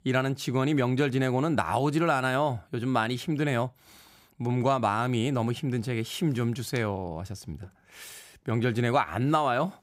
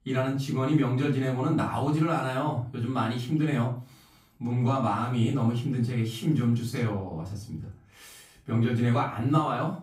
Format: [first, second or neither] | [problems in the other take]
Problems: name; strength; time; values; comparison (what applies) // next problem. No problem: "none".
first | off-mic speech; far // room echo; slight; dies away in 0.3 s